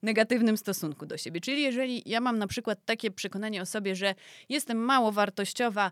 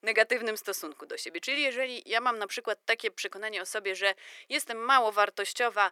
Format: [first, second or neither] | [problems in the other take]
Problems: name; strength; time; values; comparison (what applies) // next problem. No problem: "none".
first | thin; very; fading below 350 Hz